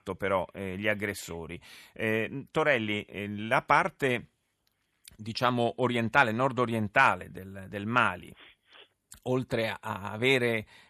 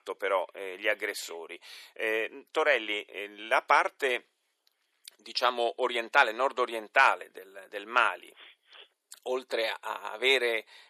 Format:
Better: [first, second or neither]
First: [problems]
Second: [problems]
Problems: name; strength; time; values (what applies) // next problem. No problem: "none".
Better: first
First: none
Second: thin; very; fading below 350 Hz